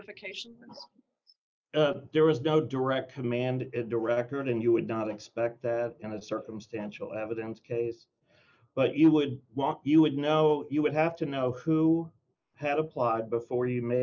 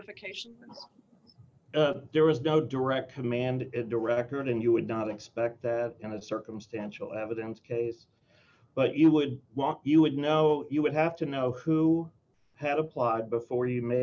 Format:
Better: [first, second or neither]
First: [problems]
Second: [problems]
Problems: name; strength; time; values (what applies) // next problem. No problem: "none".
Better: second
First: noise reduction (neural mask model Resemble Enhance denoiser)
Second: none